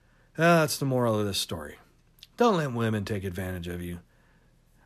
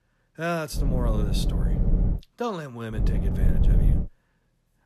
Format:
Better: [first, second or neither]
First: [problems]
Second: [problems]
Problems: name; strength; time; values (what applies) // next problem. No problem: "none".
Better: first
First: none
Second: low rumble; loud; from 1 to 2 s and from 3 to 4 s; 5 dB below the speech